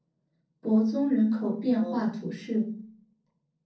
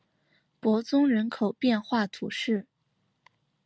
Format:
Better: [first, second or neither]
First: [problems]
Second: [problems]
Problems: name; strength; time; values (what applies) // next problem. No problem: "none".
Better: second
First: noise reduction (neural separator model SepFormer DNS4)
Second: none